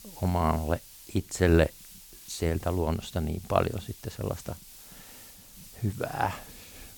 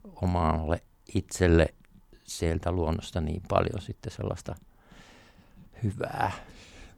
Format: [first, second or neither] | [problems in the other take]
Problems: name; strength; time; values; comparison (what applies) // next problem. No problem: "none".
second | hiss; noticeable; throughout; 20 dB below the speech